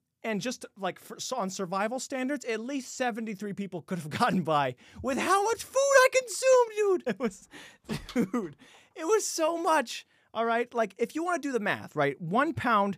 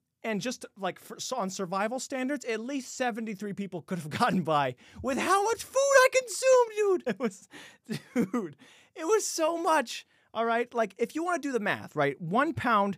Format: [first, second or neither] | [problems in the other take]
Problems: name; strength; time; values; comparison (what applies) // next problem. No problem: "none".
second | door banging; faint; from 7.5 to 9 s; peak 15 dB below the speech